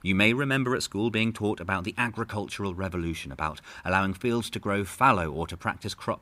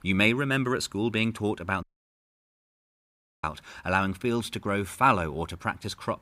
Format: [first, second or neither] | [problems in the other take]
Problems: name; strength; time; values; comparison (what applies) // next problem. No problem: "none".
first | audio cutting out; at 2 s for 1.5 s